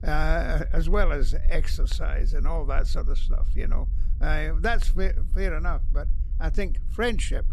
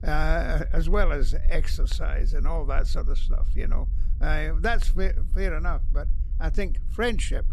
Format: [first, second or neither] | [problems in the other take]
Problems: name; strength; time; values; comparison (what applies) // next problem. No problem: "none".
neither | low rumble; faint; throughout; 20 dB below the speech; the same in both